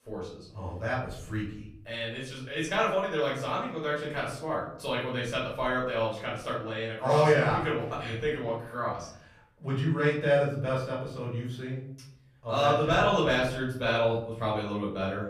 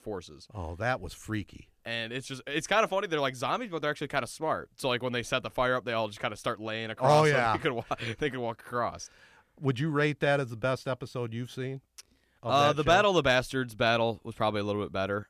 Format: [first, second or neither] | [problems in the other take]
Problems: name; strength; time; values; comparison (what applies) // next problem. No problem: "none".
second | off-mic speech; far // room echo; noticeable; dies away in 0.7 s